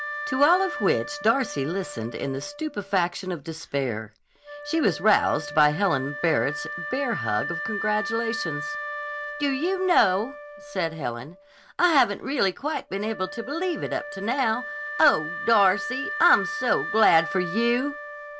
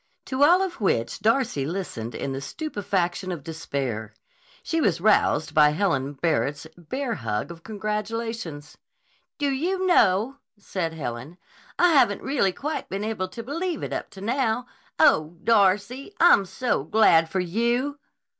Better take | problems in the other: second | background sound (Wind instrument, woodwind instrument); 9 dB below the speech

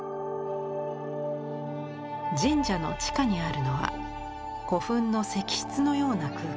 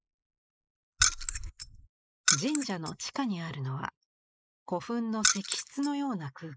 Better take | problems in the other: first | noise reduction (neural mask model Resemble Enhance denoiser)

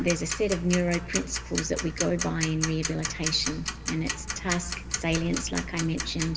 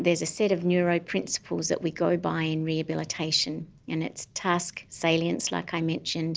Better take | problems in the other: second | background sound (Tick-tock); 5 dB below the speech // room echo; dies away in 2.8 s

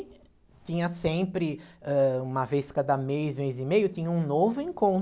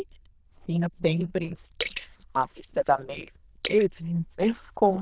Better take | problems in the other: first | noise reduction (neural diffusion model UNIVERSE++)

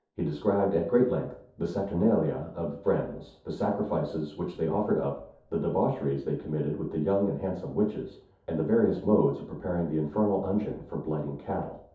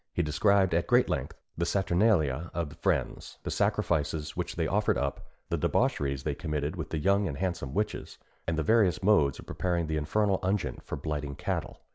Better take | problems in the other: second | room echo; dies away in 0.5 s

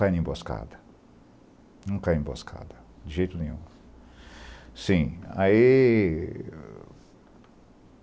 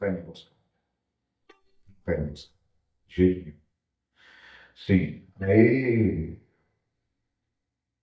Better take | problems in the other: first | noise reduction (neural mask model DeepFilterNet 3)

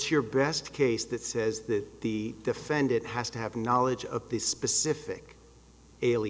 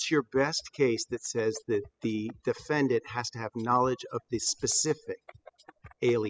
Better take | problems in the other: first | noise reduction (classical method spectral subtraction)

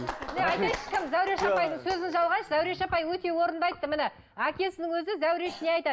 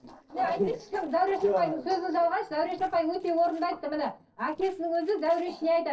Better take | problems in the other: first | noise reduction (neural separator model SepFormer DNS4)

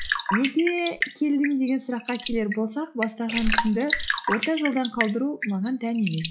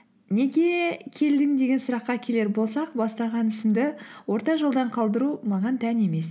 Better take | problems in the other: second | noise reduction (classical method log-MMSE)

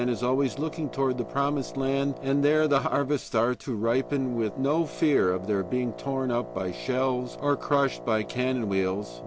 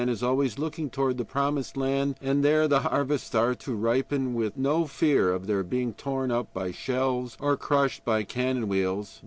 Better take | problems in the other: second | background sound (Wind instrument, woodwind instrument); 14 dB below the speech

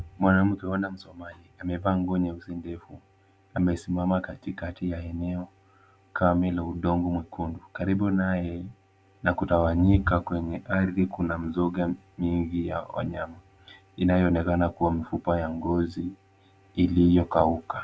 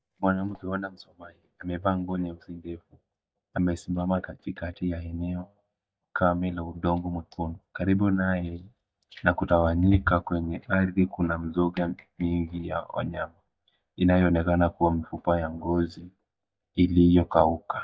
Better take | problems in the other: first | noise reduction (neural mask model DeepFilterNet 3)

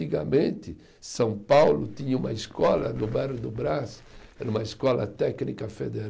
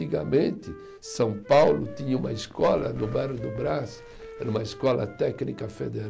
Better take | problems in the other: first | background sound (Wind instrument, woodwind instrument); 19 dB below the speech

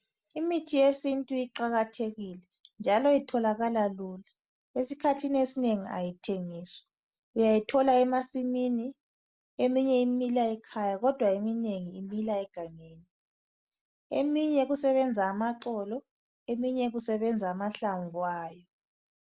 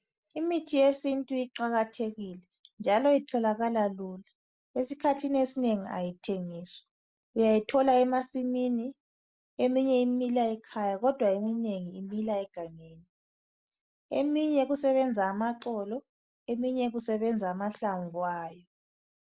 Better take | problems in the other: first | noise reduction (neural mask model Resemble Enhance denoiser)

